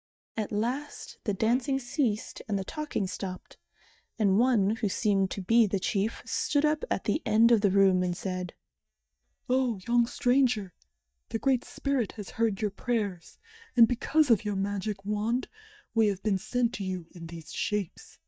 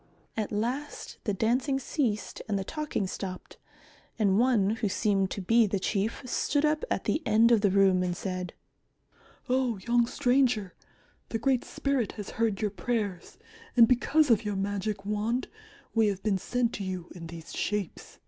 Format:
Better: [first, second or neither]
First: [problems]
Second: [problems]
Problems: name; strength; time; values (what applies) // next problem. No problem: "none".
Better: second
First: noise reduction (neural mask model DeepFilterNet 3)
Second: none